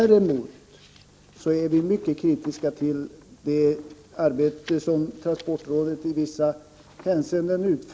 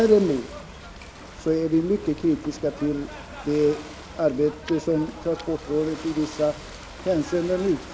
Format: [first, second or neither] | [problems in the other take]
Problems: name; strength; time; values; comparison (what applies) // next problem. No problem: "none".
first | background sound (Ocean / Boat, Water vehicle); 15 dB below the speech